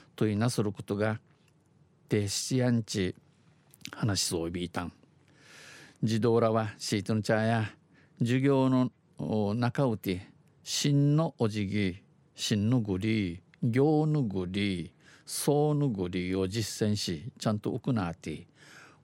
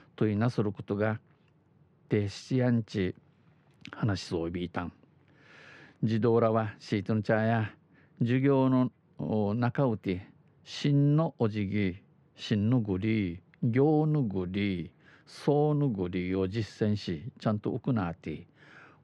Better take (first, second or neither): first